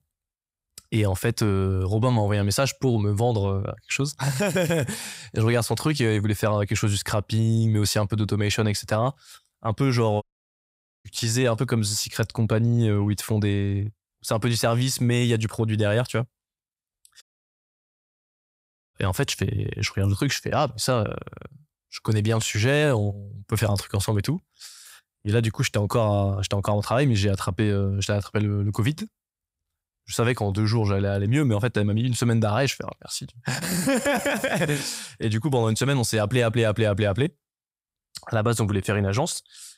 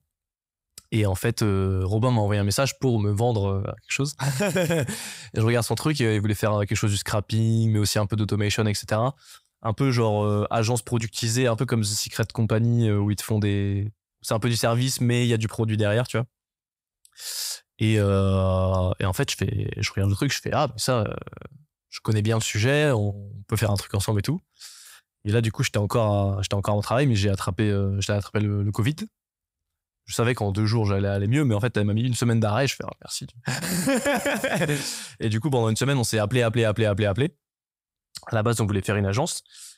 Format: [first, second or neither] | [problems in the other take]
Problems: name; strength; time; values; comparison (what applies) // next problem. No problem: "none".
second | audio cutting out; at 10 s for 1 s and at 17 s for 1.5 s